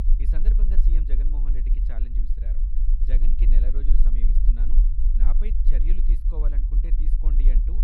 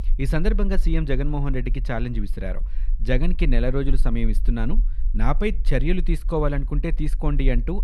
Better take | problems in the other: second | low rumble; loud; throughout; 2 dB below the speech; faint in the second

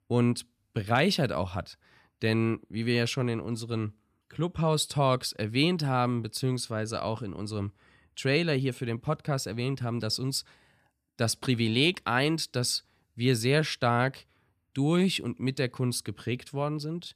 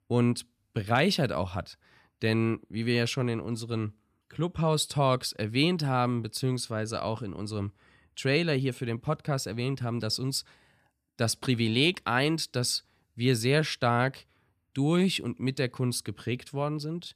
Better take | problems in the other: neither | none

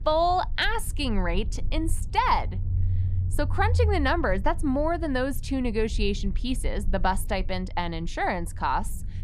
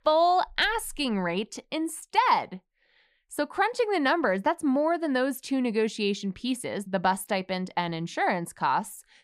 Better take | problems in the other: second | low rumble; faint; throughout; 20 dB below the speech

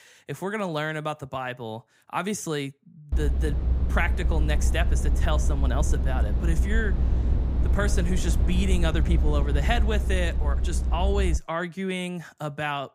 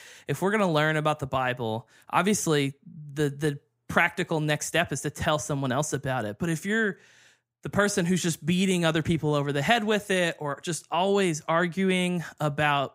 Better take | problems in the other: second | low rumble; loud; from 3 to 11 s; 10 dB below the speech

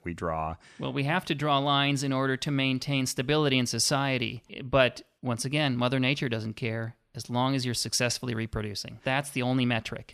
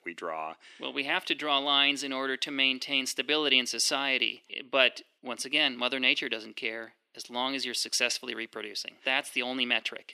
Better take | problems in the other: first | thin; very slightly; fading below 300 Hz

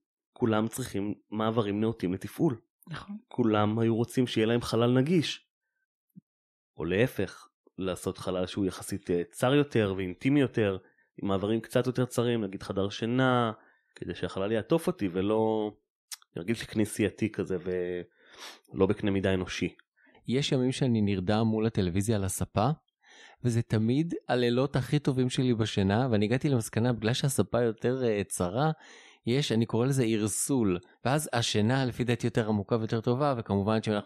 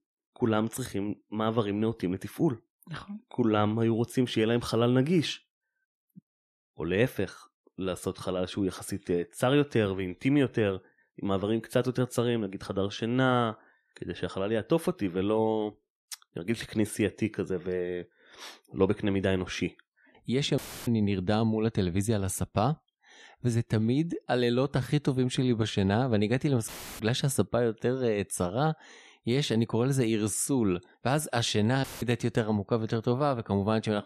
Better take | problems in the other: first | audio cutting out; filled with static; at 21 s, at 27 s and at 32 s

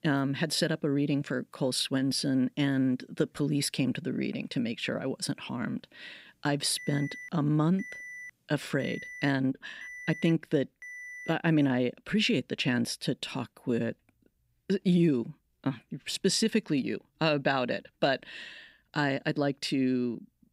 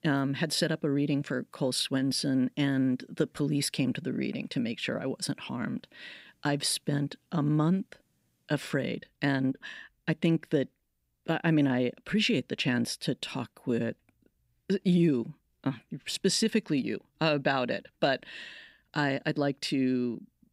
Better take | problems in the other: second | alarm; faint; from 7 to 11 s; peak 10 dB below the speech

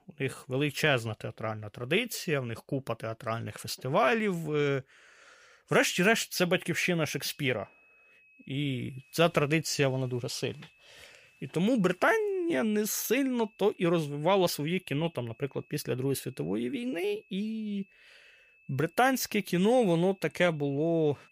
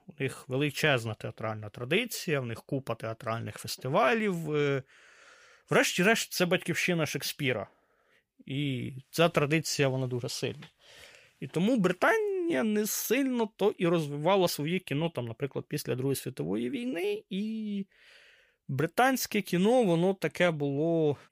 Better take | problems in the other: second | high-pitched whine; faint; from 7 s on; 2.5 kHz, 30 dB below the speech

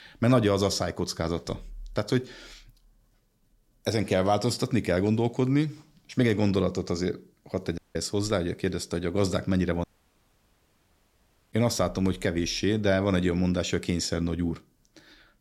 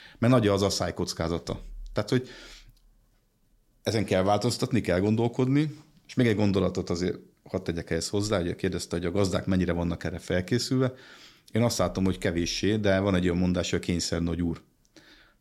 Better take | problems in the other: second | audio cutting out; at 8 s and at 10 s for 1.5 s

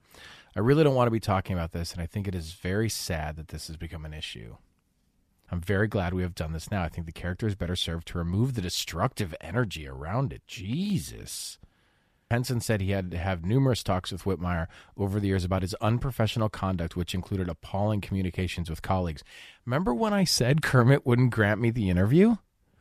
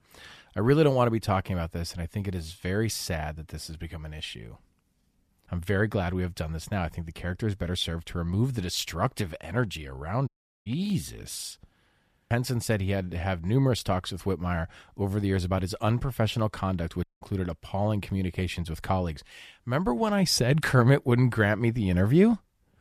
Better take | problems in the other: first | audio cutting out; at 10 s and at 17 s

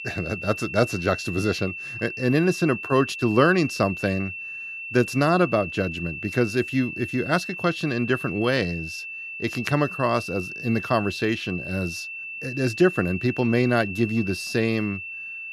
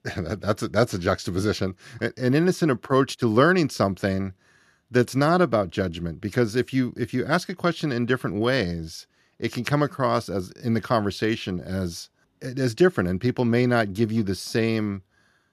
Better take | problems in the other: second | high-pitched whine; loud; throughout; 2.5 kHz, 8 dB below the speech

